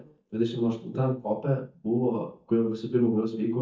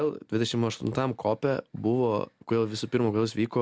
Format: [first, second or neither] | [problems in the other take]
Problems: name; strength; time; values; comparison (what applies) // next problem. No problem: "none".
second | noise reduction (neural mask model DeepFilterNet 3)